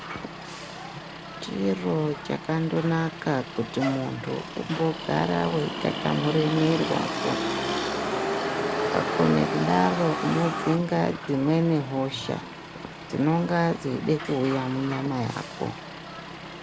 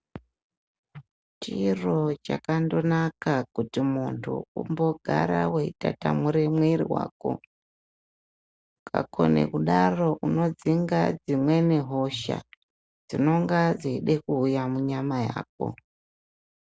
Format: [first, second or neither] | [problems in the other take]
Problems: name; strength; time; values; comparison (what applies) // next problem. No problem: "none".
second | background sound (Motor vehicle (road)); 5 dB below the speech